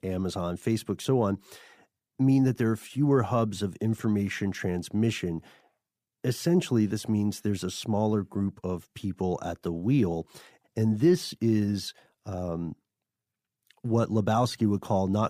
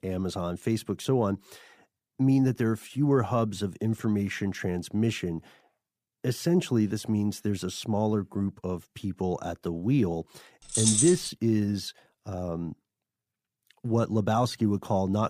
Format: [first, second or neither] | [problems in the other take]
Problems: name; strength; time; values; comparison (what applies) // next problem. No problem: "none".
first | jangling keys; loud; at 11 s; peak 5 dB above the speech